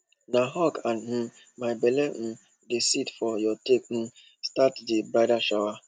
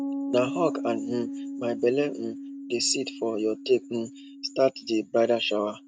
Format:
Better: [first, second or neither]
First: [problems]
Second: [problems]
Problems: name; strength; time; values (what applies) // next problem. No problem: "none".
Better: first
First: none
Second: noise reduction (neural mask model RNNoise)